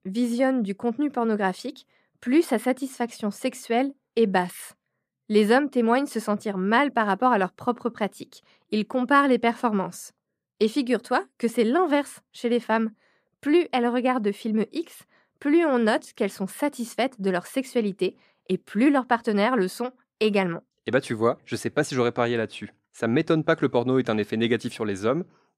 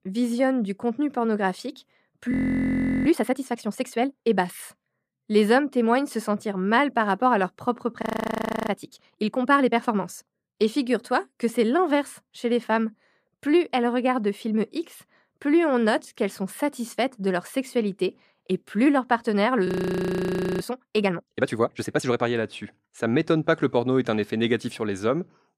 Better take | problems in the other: first | audio freezing; at 2.5 s for 0.5 s, at 8 s for 0.5 s and at 20 s for 1 s

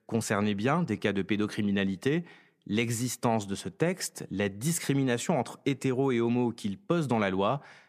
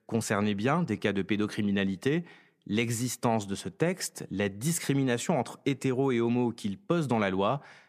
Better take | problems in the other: neither | none

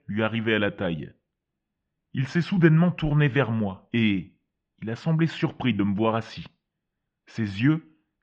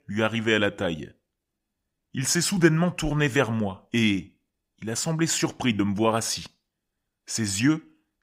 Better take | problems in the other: second | muffled; very; fading above 3.5 kHz

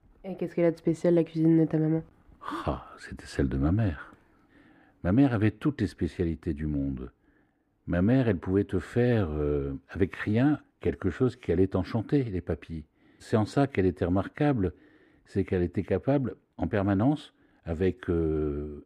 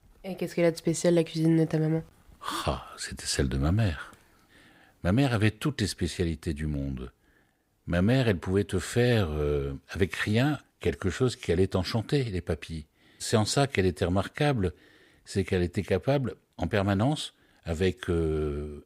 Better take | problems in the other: second | muffled; slightly; fading above 3 kHz

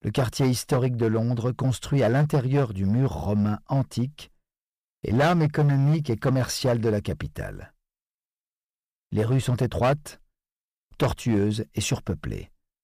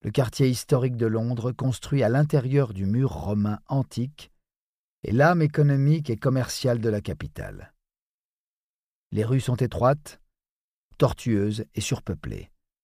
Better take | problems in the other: second | distortion; slight; 7% of the sound clipped

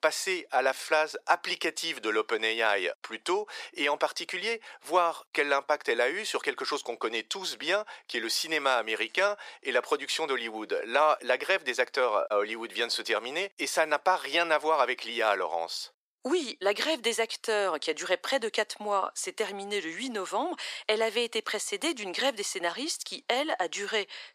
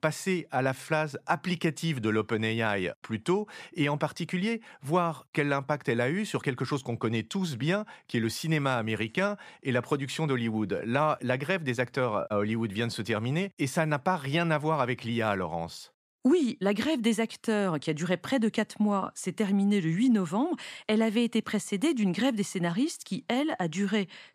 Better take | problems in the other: second | thin; very; fading below 400 Hz

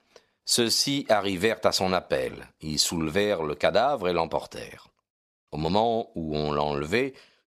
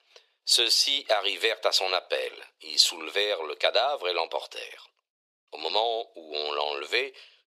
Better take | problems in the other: first | thin; very; fading below 400 Hz

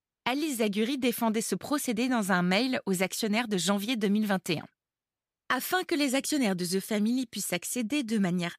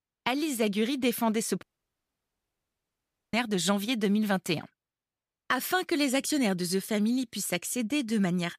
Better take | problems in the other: first | audio cutting out; at 1.5 s for 1.5 s

